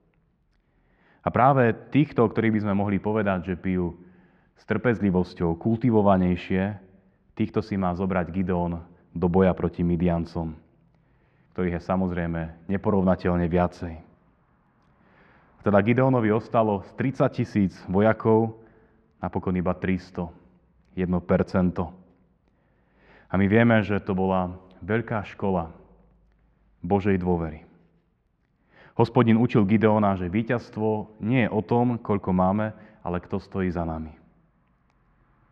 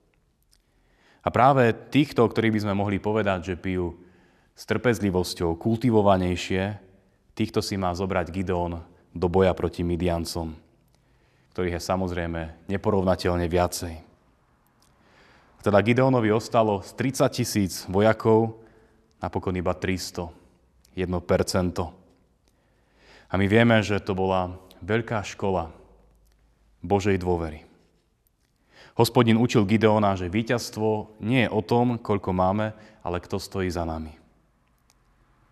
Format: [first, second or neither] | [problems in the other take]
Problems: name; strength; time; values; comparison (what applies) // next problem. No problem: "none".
second | muffled; very; fading above 2 kHz